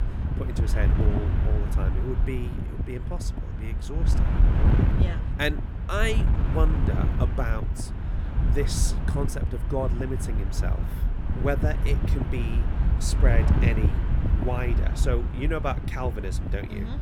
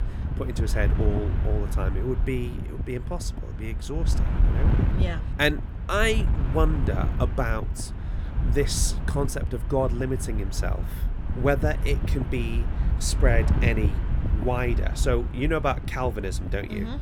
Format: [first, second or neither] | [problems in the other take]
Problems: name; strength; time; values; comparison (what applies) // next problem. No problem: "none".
second | wind noise on the microphone; heavy; 5 dB below the speech; occasional gusts in the second